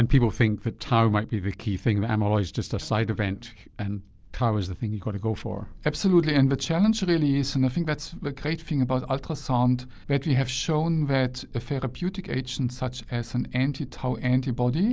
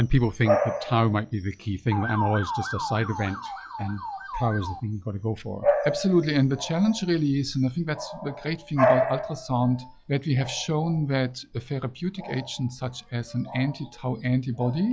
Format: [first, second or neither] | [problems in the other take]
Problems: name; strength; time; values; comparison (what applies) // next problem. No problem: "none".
first | noise reduction (classical method log-MMSE)